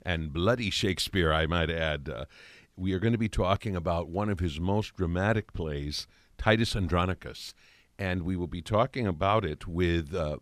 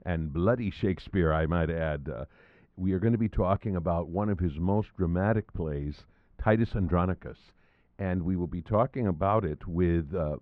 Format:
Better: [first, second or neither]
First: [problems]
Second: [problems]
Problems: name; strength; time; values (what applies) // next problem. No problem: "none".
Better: first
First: none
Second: muffled; very; fading above 1.5 kHz